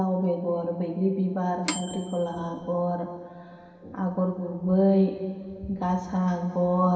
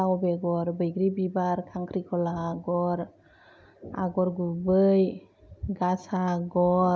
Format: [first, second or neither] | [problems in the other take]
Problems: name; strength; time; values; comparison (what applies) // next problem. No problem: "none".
second | background sound (Microwave oven / Bell); 10 dB below the speech // room echo; dies away in 2.4 s